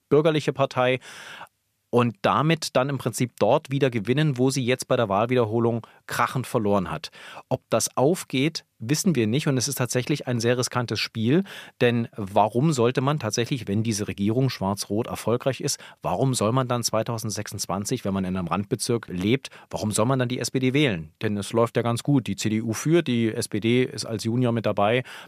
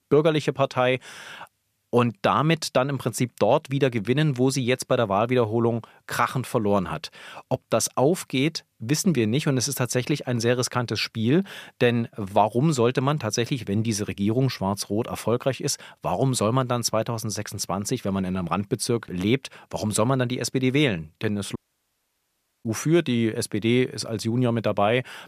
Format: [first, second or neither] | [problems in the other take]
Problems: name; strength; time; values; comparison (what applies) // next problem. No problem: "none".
first | audio cutting out; at 22 s for 1 s